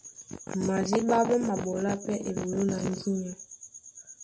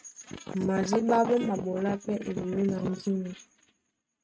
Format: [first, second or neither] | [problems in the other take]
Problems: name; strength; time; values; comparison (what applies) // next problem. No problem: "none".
first | noise reduction (neural mask model RNNoise)